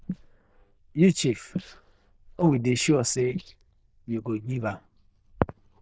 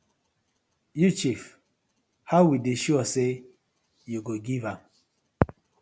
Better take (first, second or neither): second